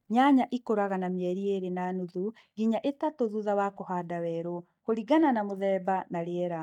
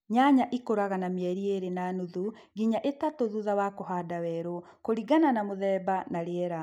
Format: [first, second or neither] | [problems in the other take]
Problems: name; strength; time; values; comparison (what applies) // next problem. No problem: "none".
second | noise reduction (neural mask model DeepFilterNet 3)